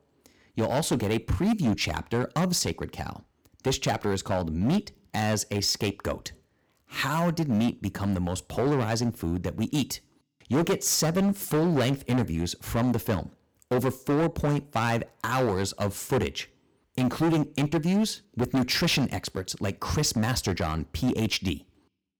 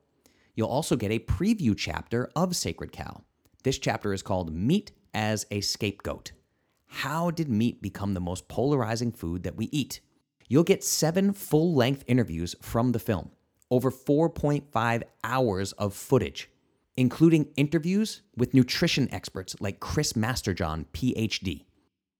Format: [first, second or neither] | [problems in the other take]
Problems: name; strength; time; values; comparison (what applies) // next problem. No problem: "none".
second | distortion; heavy; 11% of the sound clipped